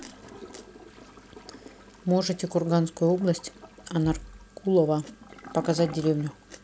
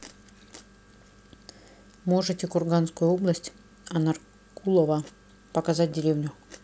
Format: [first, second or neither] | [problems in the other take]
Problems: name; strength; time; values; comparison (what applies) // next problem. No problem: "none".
second | background sound (Bass drum + Toilet flush / Gurgling); 18 dB below the speech